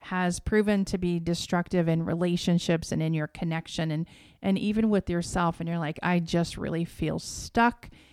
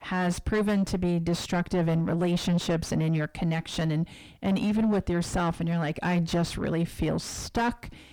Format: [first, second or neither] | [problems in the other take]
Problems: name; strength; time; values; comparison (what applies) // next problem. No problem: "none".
first | distortion; heavy; 6 dB below the speech